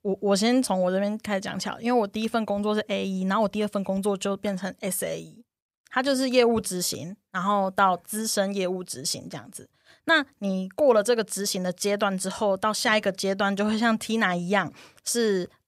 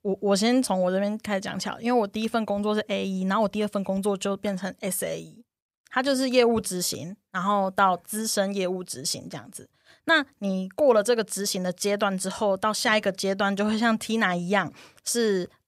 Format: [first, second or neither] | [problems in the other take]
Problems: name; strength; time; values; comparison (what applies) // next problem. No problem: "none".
neither | none